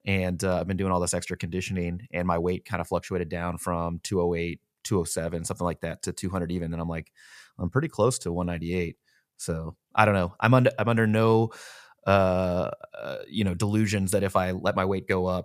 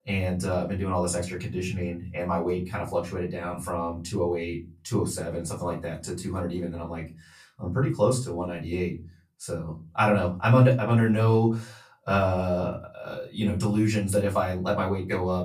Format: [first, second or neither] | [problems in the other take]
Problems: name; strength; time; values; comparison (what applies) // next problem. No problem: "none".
first | off-mic speech; far // room echo; very slight; dies away in 0.3 s